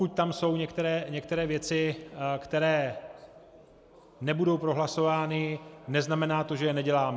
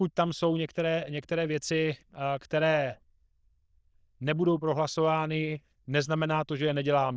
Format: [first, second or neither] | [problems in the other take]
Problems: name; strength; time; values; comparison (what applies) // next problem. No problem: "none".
first | noise reduction (neural diffusion model UNIVERSE++)